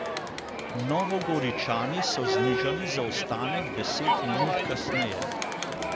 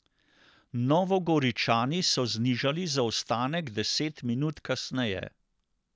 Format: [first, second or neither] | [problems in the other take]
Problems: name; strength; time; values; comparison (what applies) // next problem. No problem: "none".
second | background sound (Crowd); 2 dB above the speech